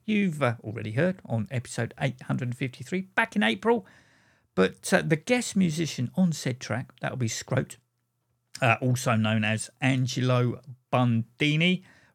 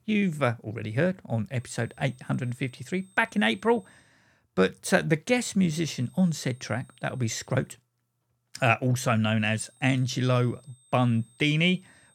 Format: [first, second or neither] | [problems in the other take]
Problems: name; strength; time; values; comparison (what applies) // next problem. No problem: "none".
first | high-pitched whine; faint; from 1.5 to 4 s, from 5.5 to 7.5 s and from 9.5 s on; 8.5 kHz, 30 dB below the speech